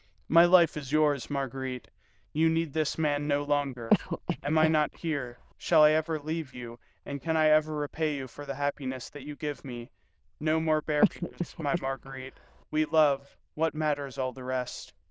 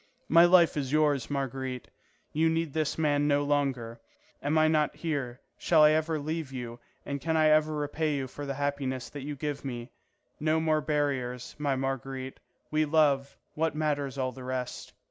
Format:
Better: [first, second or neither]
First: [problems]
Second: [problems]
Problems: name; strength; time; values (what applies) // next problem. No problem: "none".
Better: second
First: noise reduction (neural diffusion model UNIVERSE++)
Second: none